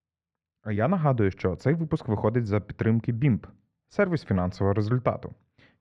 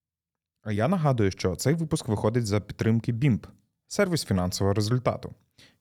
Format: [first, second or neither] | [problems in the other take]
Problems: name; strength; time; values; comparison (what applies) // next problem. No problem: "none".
second | muffled; very; fading above 2 kHz